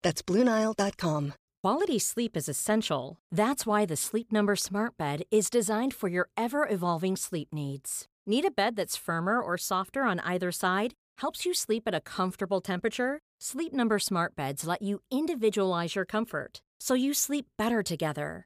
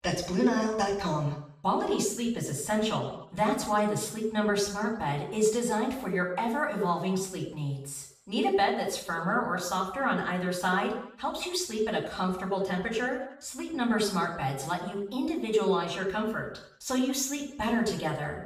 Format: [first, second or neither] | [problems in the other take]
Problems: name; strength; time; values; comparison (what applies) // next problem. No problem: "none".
first | room echo; noticeable; dies away in 0.7 s // off-mic speech; far